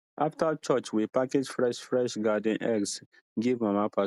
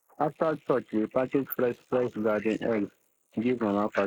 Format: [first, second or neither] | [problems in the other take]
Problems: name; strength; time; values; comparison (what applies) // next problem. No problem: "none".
first | noise reduction (neural mask model Resemble Enhance denoiser)